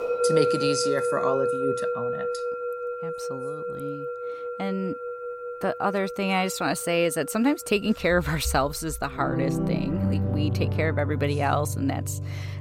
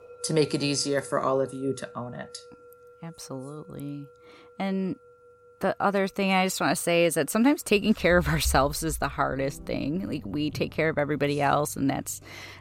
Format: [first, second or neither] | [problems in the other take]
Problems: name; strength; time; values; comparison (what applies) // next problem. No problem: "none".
second | background music; loud; throughout; 2 dB below the speech; faint in the second